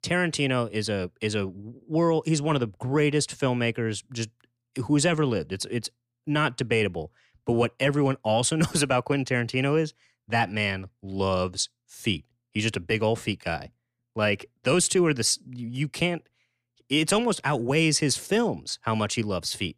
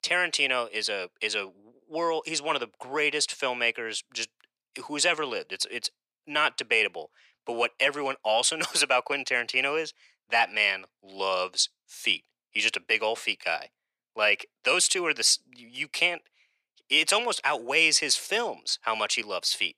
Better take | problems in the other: first | thin; very; fading below 650 Hz

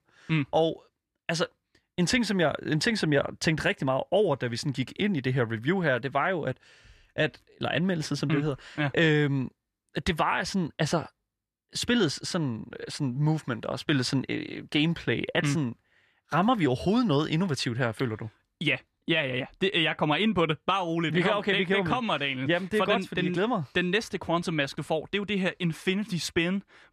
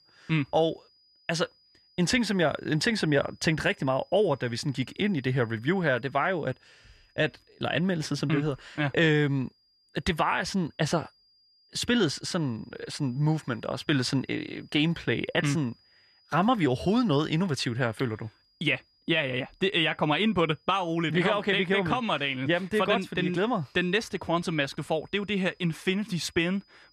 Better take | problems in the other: first | high-pitched whine; faint; throughout; 5 kHz, 35 dB below the speech

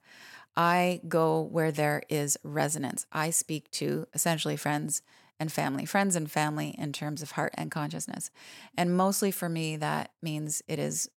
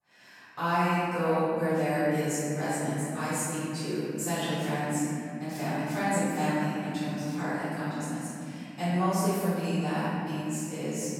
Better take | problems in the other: first | off-mic speech; far // room echo; strong; dies away in 3 s

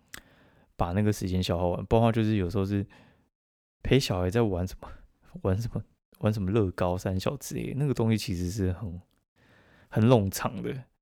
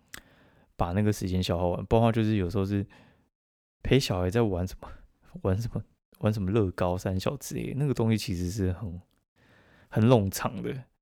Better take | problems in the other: neither | none

